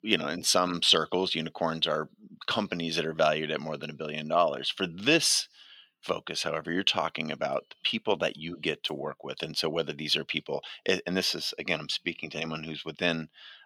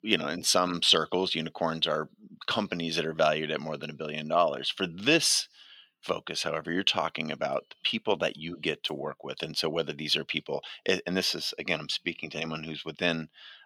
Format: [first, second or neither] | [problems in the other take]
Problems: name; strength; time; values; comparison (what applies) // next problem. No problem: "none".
neither | thin; somewhat; fading below 250 Hz; the same in both